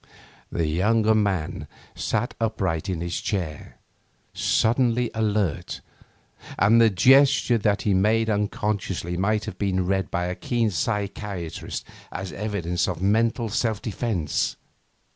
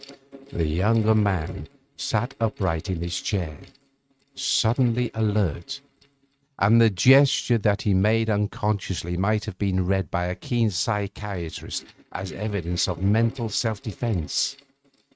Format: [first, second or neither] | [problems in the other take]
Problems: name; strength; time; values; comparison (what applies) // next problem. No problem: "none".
first | noise reduction (neural mask model RNNoise)